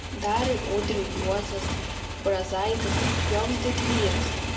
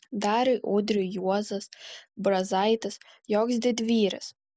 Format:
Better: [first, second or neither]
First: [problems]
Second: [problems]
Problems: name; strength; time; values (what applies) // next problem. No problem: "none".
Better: second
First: background sound (Motorcycle); as loud as the speech // room echo; dies away in 1.7 s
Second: none